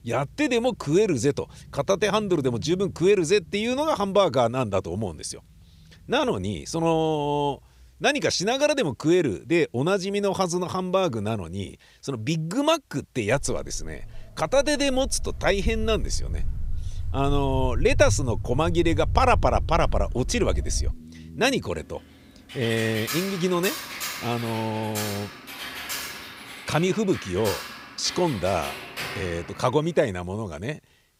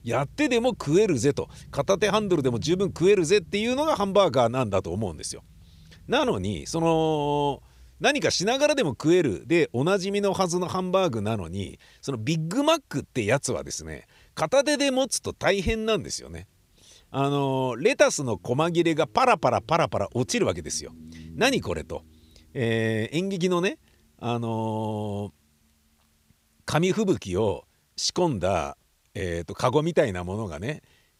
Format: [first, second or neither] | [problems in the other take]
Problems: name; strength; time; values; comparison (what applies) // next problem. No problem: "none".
second | footsteps; noticeable; from 13 to 21 s; peak 3 dB below the speech // keyboard typing; noticeable; from 22 to 30 s; peak 5 dB below the speech